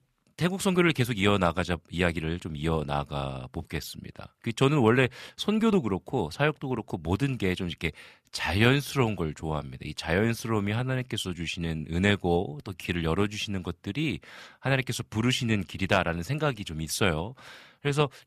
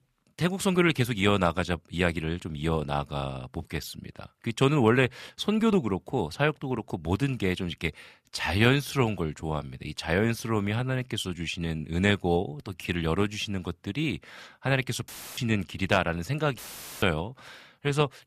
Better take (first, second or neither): first